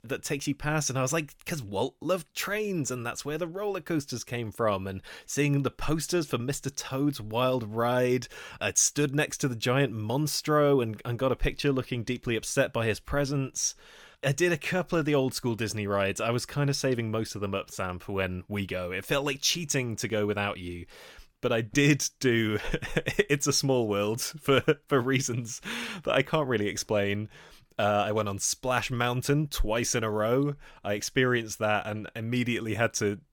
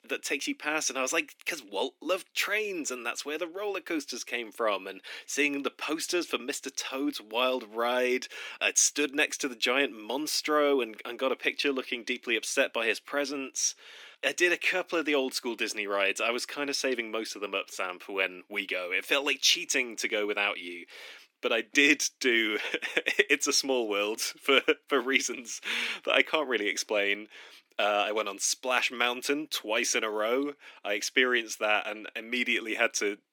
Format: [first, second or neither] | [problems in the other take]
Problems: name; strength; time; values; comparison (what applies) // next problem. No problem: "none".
first | thin; very slightly; fading below 250 Hz